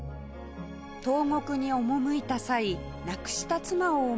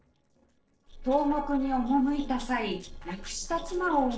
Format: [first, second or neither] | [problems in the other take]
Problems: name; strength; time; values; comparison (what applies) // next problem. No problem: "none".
first | noise reduction (neural separator model SepFormer DNS4)